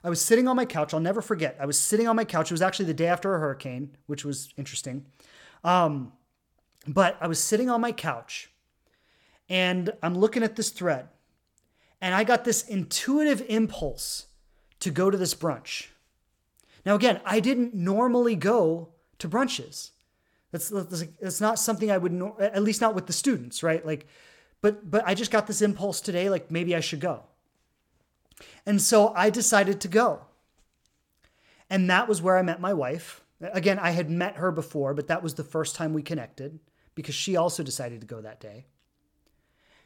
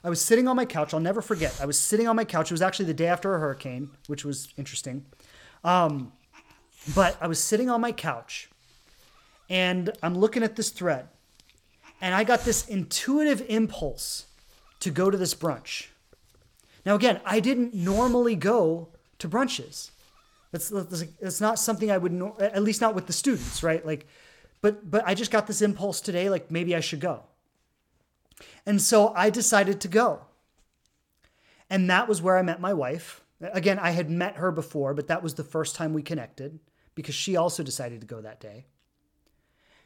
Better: first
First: none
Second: hiss; faint; until 25 s; 20 dB below the speech

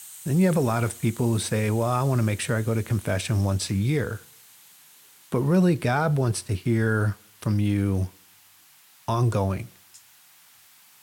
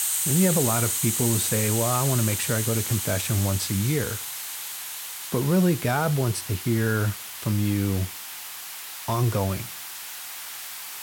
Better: first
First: hiss; faint; throughout; 20 dB below the speech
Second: hiss; loud; throughout; 3 dB below the speech

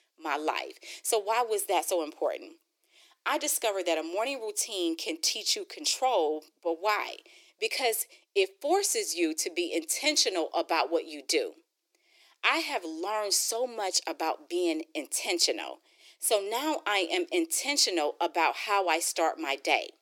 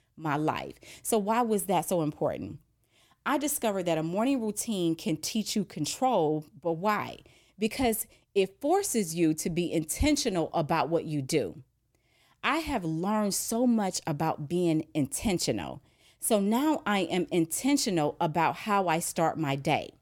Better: second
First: thin; very; fading below 350 Hz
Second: none

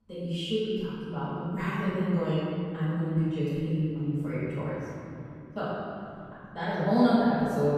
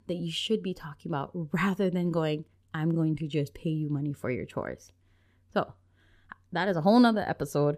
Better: second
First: off-mic speech; far // room echo; strong; dies away in 3 s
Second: none

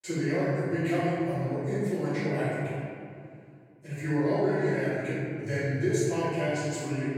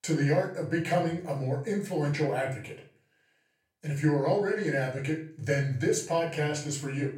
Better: second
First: room echo; strong; dies away in 2.3 s // off-mic speech; far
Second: room echo; slight; dies away in 0.4 s // off-mic speech; far

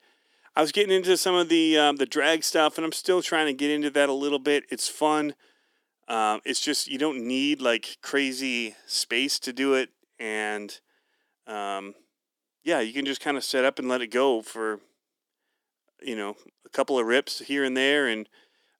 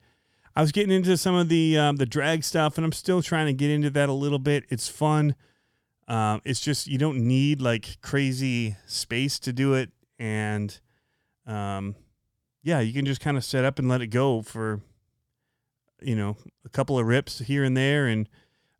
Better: second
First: thin; somewhat; fading below 300 Hz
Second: none

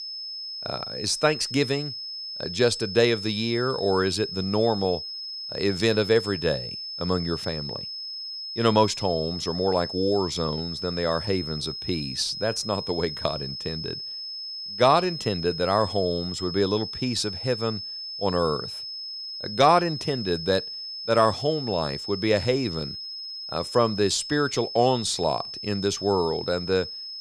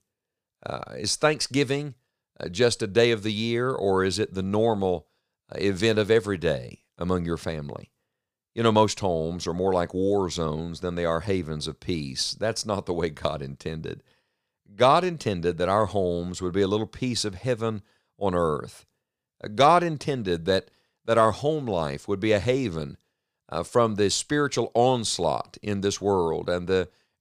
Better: second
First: high-pitched whine; loud; throughout; 5 kHz, 7 dB below the speech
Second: none

